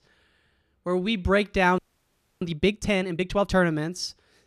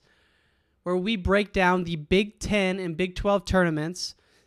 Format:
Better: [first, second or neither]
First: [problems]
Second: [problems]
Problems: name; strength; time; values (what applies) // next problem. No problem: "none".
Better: second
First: audio freezing; at 2 s for 0.5 s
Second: none